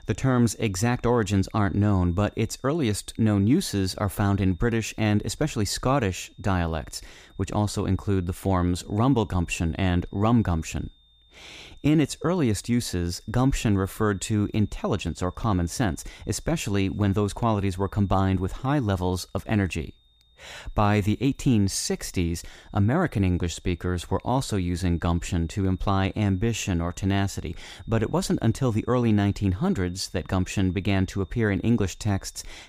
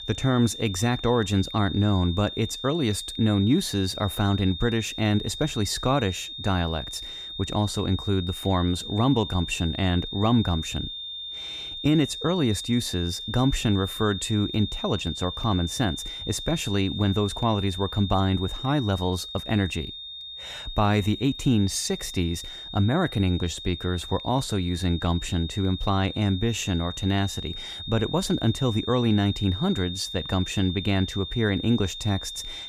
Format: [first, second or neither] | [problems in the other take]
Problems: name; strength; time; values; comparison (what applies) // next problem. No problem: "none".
first | high-pitched whine; loud; throughout; 3.5 kHz, 9 dB below the speech; faint in the first